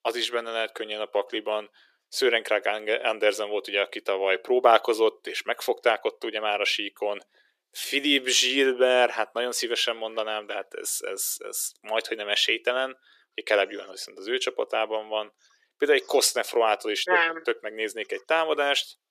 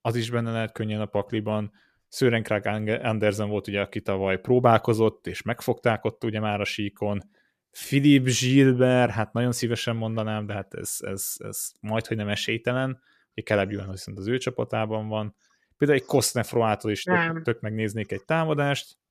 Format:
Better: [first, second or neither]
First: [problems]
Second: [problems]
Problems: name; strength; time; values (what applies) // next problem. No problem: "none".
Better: second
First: thin; very; fading below 350 Hz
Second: none